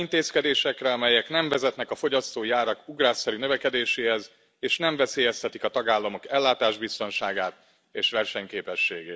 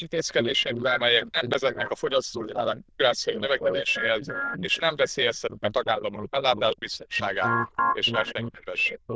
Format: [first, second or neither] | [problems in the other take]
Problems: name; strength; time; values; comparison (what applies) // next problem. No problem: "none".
first | noise reduction (neural diffusion model UNIVERSE++)